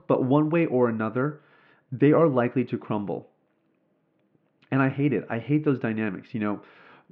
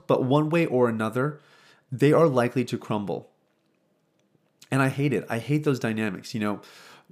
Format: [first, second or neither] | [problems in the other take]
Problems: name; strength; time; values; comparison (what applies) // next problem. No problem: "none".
second | muffled; very; fading above 2.5 kHz